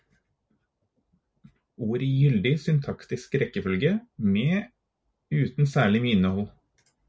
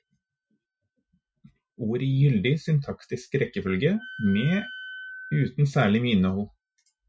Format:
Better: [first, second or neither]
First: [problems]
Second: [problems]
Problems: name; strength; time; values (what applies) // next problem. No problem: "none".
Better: first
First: none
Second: noise reduction (classical method Wiener filter)